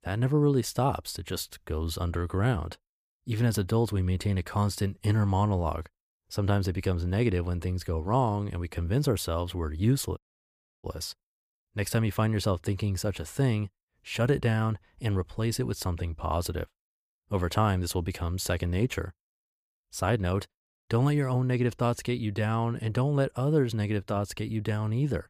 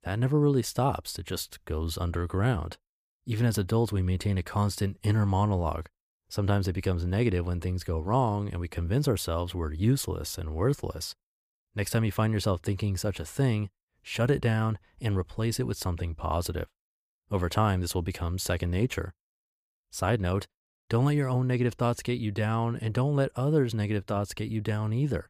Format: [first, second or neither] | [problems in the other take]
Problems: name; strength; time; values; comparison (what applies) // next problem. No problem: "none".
second | audio cutting out; at 10 s for 0.5 s